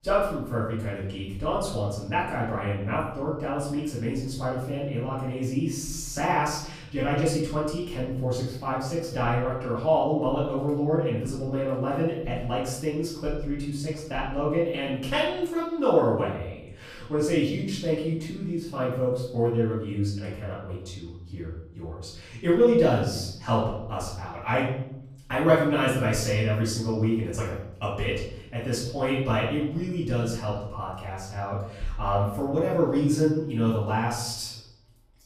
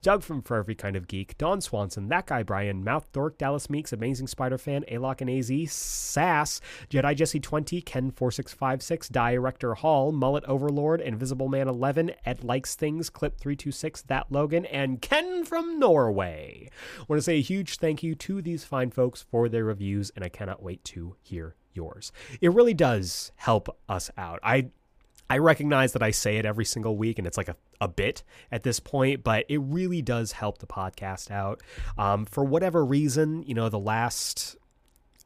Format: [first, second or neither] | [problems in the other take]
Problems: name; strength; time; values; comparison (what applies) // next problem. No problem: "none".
second | off-mic speech; far // room echo; noticeable; dies away in 0.8 s